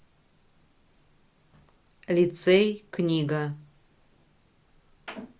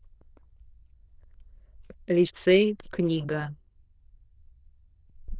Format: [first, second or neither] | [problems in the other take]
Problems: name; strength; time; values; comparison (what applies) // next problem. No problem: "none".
first | noise reduction (neural diffusion model UNIVERSE++)